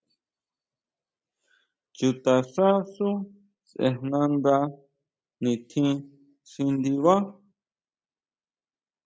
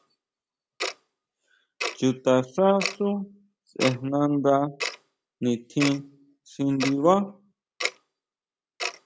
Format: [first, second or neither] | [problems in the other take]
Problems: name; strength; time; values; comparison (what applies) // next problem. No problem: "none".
first | background sound (Tick-tock); 10 dB below the speech